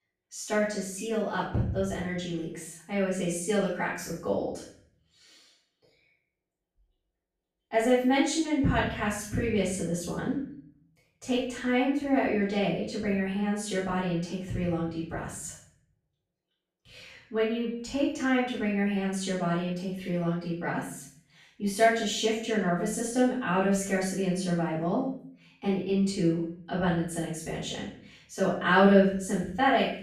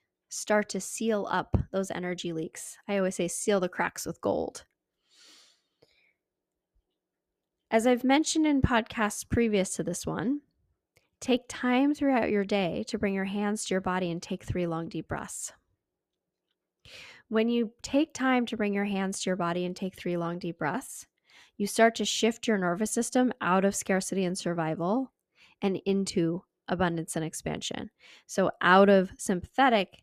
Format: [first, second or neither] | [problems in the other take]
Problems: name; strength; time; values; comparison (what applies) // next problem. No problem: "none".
second | off-mic speech; far // room echo; noticeable; dies away in 0.6 s